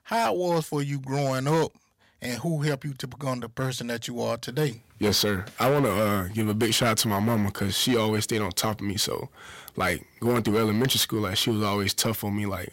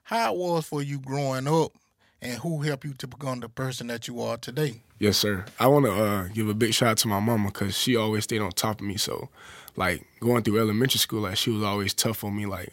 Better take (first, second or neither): second